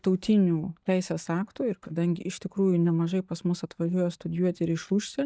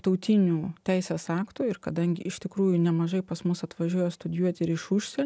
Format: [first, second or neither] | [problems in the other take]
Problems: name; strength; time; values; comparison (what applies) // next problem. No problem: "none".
second | noise reduction (neural mask model DeepFilterNet 3)